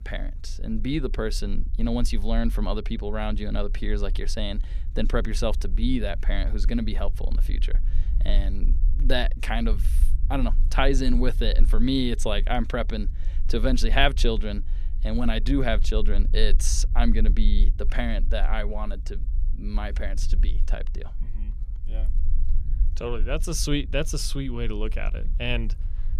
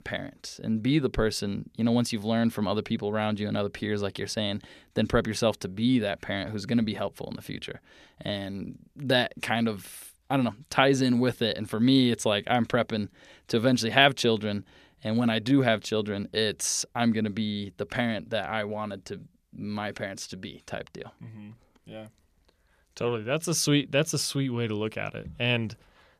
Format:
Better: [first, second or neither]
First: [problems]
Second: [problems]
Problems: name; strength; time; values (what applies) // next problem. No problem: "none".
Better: second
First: low rumble; faint; throughout; 20 dB below the speech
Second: none